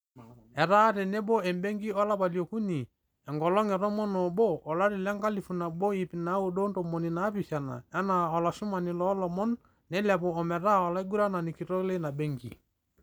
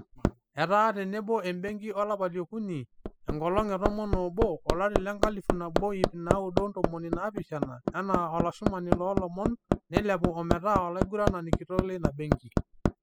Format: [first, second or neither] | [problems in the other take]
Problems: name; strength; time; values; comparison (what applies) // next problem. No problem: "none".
first | noise reduction (classical method spectral subtraction)